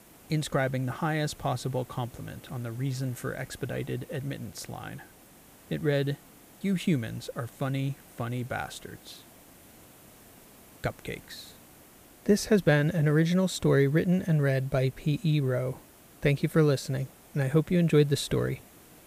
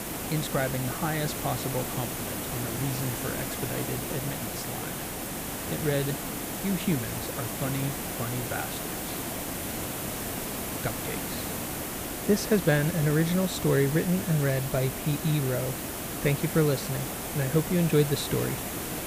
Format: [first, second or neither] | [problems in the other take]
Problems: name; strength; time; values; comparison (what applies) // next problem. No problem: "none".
first | hiss; loud; throughout; 3 dB below the speech; faint in the first